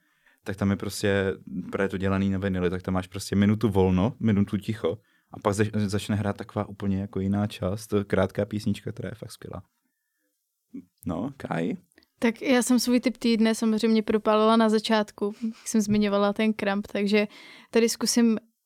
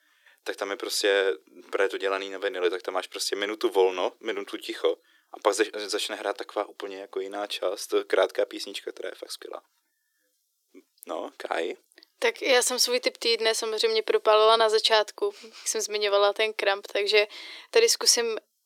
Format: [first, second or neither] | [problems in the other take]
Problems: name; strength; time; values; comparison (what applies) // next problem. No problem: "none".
first | thin; very; fading below 350 Hz